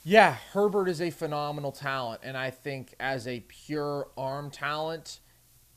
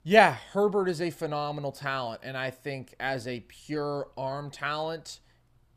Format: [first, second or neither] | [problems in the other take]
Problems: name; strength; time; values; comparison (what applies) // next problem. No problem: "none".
second | hiss; faint; throughout; 30 dB below the speech